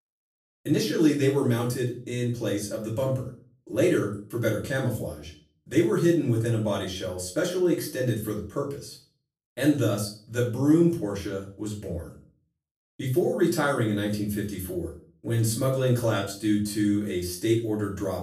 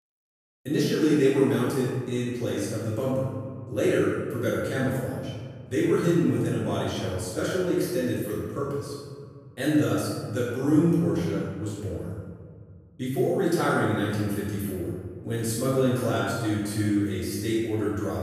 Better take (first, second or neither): first